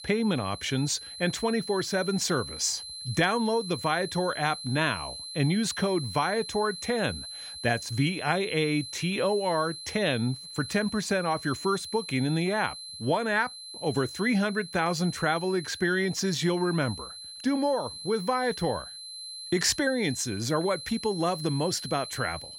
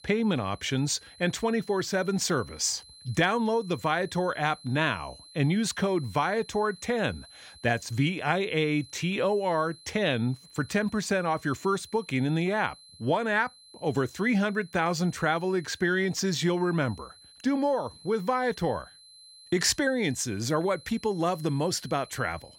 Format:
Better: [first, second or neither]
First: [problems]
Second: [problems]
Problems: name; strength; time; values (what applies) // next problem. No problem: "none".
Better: second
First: high-pitched whine; loud; throughout; 4 kHz, 10 dB below the speech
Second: high-pitched whine; faint; throughout; 4 kHz, 20 dB below the speech